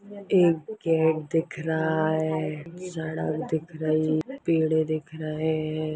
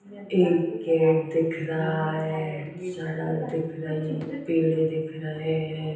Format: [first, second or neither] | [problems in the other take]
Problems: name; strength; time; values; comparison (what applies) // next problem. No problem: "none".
first | room echo; dies away in 0.9 s